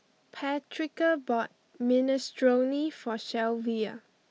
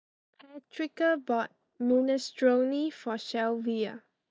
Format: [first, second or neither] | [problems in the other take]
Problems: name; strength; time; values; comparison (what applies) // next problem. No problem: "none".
first | noise reduction (neural mask model DeepFilterNet 3)